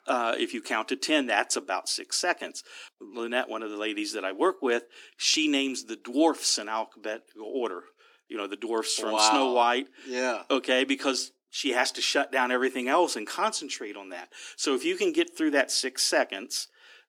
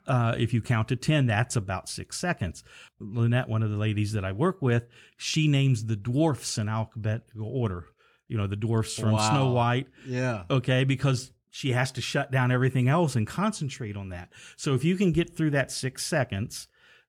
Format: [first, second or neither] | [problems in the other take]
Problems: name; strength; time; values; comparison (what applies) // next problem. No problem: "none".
second | thin; somewhat; fading below 250 Hz